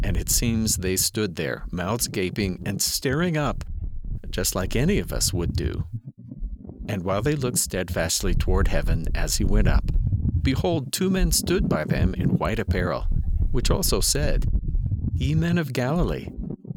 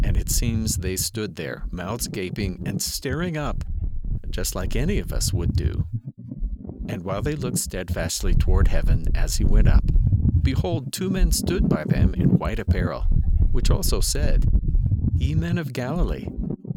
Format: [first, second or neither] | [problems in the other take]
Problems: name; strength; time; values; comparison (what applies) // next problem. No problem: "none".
first | wind noise on the microphone; heavy; 7 dB below the speech; occasional gusts in the first